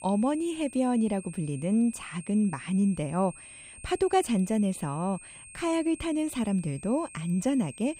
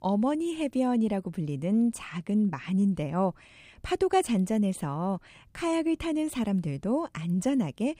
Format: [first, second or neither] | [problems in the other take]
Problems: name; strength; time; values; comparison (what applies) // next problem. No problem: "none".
second | high-pitched whine; noticeable; throughout; 8.5 kHz, 15 dB below the speech